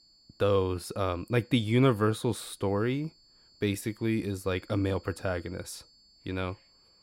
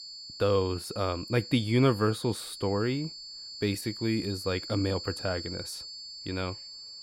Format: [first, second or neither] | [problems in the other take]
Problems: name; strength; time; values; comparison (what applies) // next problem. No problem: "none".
first | high-pitched whine; loud; throughout; 4.5 kHz, 10 dB below the speech; faint in the first